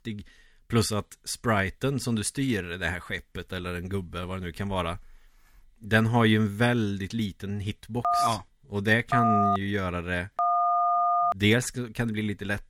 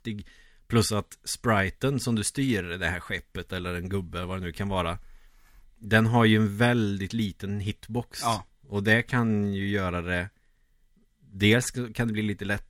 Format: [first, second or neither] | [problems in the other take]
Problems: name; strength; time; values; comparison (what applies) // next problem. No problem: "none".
second | phone ringing; loud; from 8 to 11 s; peak 4 dB above the speech